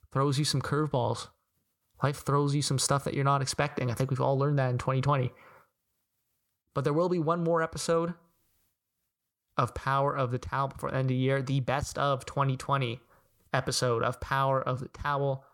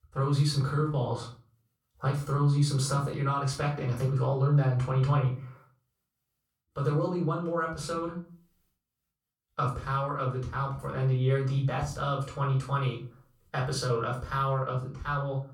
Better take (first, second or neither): first